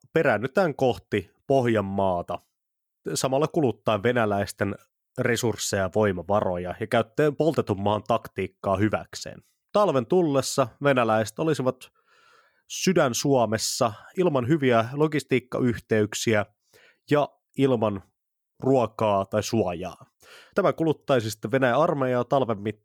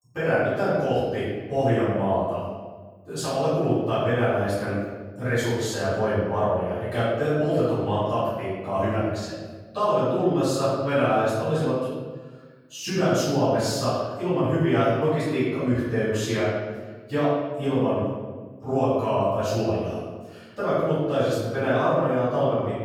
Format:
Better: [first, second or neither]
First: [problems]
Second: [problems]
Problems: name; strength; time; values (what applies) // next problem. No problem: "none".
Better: first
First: none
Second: off-mic speech; far // room echo; strong; dies away in 1.3 s